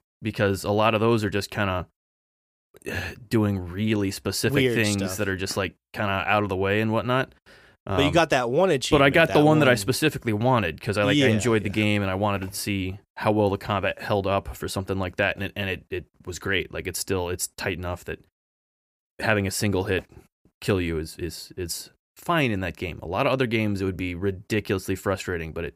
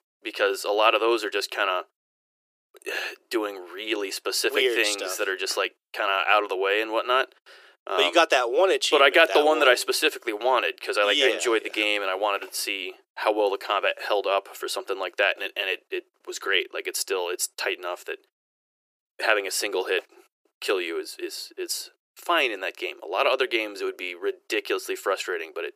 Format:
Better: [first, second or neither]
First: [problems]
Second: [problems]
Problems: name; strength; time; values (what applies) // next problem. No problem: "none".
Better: first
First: none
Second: thin; very; fading below 350 Hz